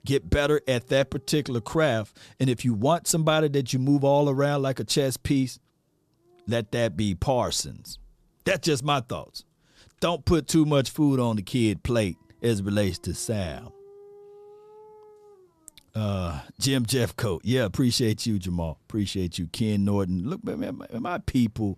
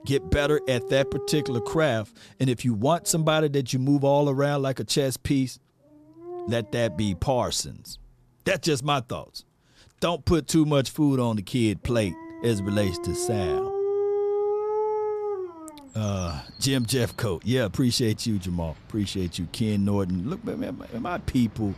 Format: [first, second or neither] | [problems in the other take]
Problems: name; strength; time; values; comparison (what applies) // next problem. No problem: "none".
first | animal sounds; loud; throughout; 6 dB below the speech; faint in the first